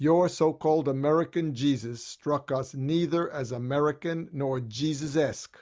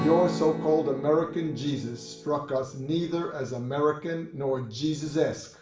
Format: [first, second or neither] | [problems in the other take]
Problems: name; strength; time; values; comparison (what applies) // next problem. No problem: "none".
first | background sound (Strum); 11 dB below the speech // room echo; dies away in 0.5 s